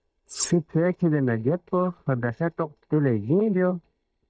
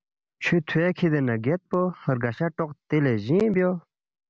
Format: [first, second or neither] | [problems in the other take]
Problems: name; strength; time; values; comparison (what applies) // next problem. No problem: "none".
second | noise reduction (neural mask model DeepFilterNet 3)